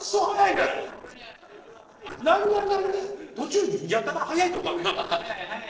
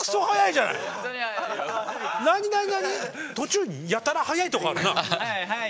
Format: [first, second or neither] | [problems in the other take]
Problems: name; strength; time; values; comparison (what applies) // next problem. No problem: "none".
second | noise reduction (neural separator model SepFormer DNS4)